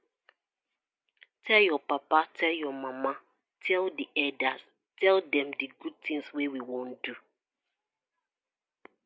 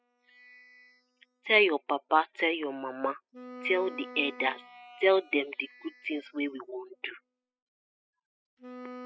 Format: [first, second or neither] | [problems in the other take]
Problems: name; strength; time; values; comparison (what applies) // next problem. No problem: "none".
first | noise reduction (classical method spectral subtraction)